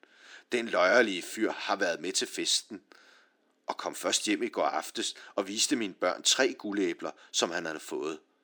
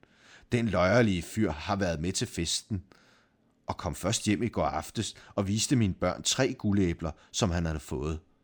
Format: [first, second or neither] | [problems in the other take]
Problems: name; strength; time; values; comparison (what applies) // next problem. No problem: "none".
second | thin; somewhat; fading below 300 Hz